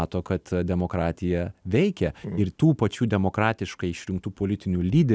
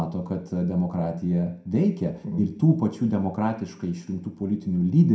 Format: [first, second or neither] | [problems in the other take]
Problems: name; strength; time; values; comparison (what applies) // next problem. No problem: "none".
first | room echo; dies away in 0.5 s